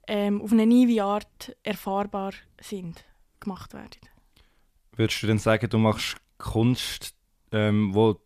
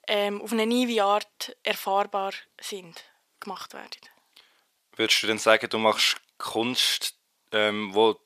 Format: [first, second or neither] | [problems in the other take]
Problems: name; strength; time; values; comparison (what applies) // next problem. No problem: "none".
first | thin; somewhat; fading below 500 Hz